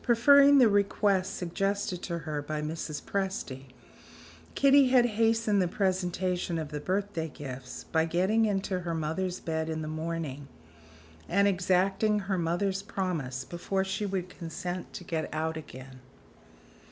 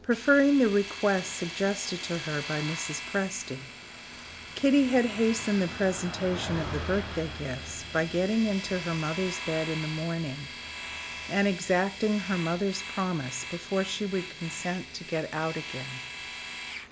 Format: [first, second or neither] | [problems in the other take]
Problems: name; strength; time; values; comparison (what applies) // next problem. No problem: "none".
first | background sound (Domestic sounds, home sounds + Car passing by); 10 dB below the speech